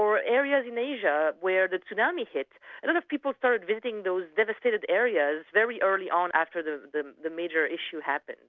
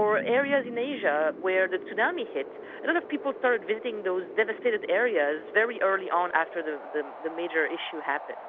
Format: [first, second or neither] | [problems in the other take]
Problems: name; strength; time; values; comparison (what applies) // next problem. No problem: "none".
first | background sound (Wind); 13 dB below the speech